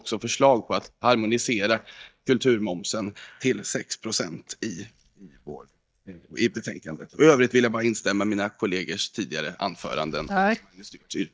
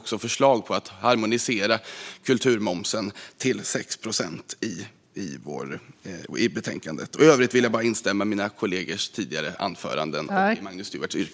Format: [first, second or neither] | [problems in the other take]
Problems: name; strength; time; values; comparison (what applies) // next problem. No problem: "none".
second | noise reduction (neural mask model DeepFilterNet 3)